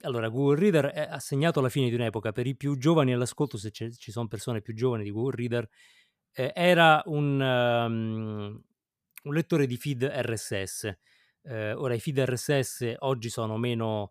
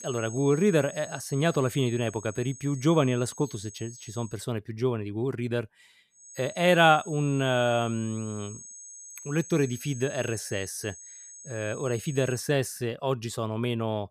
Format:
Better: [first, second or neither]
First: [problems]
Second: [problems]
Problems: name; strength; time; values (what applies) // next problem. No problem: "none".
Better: first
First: none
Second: high-pitched whine; noticeable; until 4.5 s and from 6 to 12 s; 6.5 kHz, 15 dB below the speech